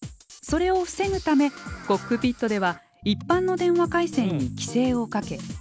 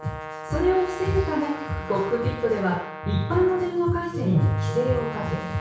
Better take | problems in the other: first | background sound (Brass instrument); 12 dB below the speech // room echo; dies away in 0.6 s

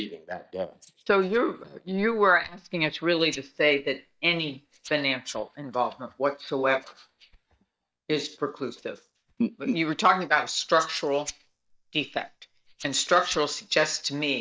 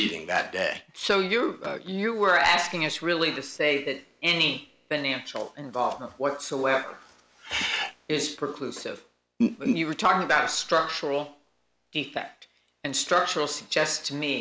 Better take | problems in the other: second | noise reduction (neural mask model DeepFilterNet 3)

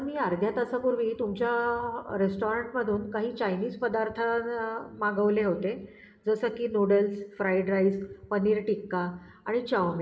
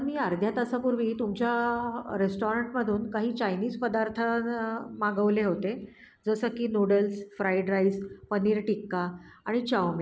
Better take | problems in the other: second | room echo; dies away in 1.3 s

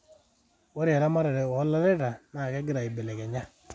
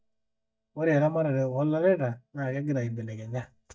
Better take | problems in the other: first | noise reduction (neural mask model DeepFilterNet 3)

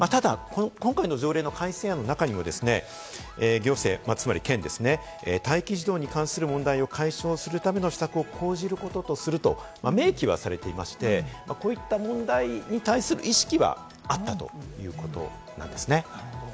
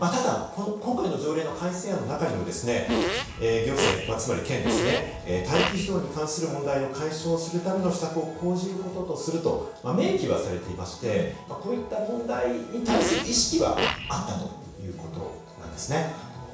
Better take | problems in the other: first | background sound (Fart); 1 dB below the speech // room echo; dies away in 0.7 s

